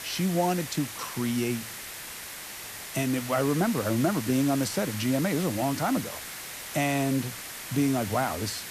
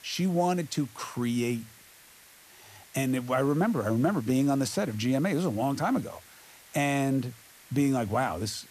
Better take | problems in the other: second | hiss; loud; throughout; 8 dB below the speech; faint in the second

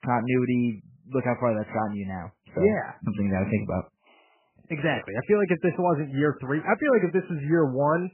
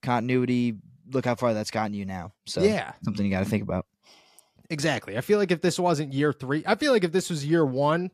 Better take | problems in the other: second | garbled, watery; badly; nothing above 3 kHz

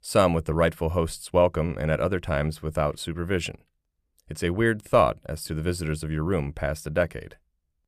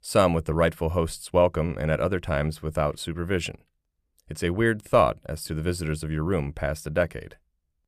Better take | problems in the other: neither | none

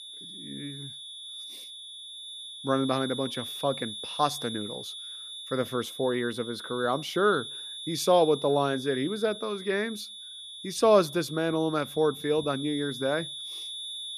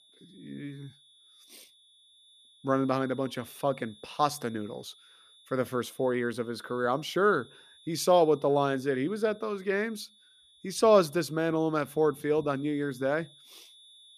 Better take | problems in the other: second | high-pitched whine; loud; throughout; 3.5 kHz, 10 dB below the speech; faint in the second

